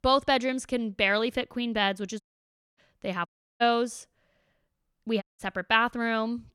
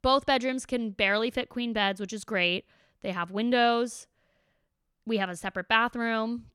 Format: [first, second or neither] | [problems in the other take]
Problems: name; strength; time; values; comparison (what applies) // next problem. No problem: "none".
second | audio cutting out; at 2 s for 0.5 s, at 3.5 s and at 5 s